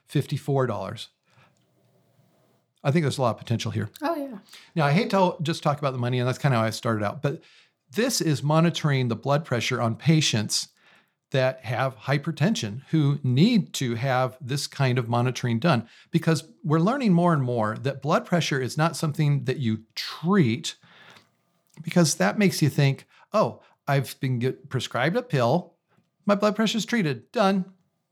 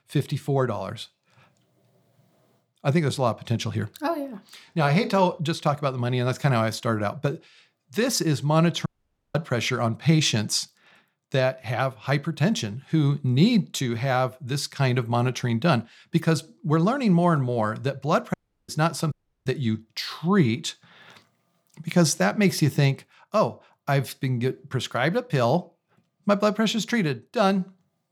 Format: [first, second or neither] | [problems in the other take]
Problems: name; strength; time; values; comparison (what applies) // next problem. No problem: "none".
first | audio cutting out; at 9 s, at 18 s and at 19 s